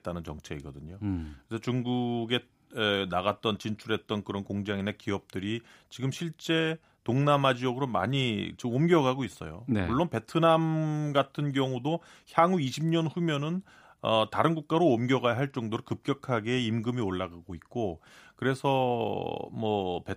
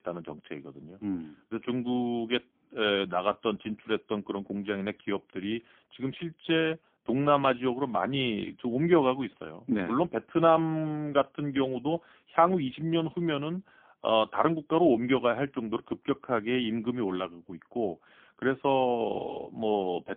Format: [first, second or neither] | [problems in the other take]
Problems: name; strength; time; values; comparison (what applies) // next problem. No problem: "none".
first | phone-call audio; poor line; nothing above 3.5 kHz